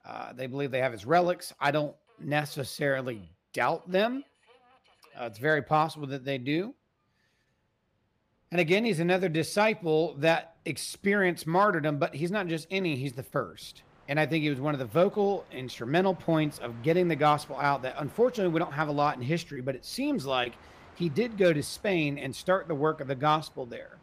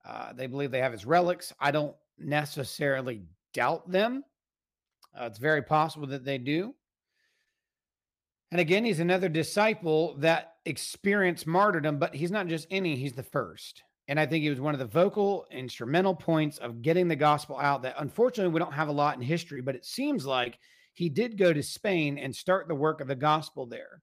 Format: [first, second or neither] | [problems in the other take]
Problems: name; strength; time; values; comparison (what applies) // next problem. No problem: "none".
second | train or aircraft noise; faint; throughout; 30 dB below the speech